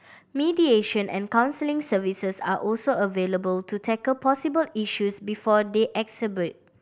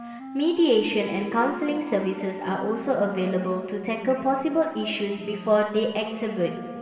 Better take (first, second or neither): first